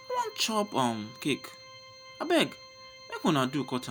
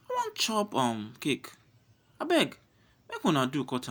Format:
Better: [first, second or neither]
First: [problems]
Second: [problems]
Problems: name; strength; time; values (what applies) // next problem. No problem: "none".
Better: second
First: background sound (Organ); 18 dB below the speech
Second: none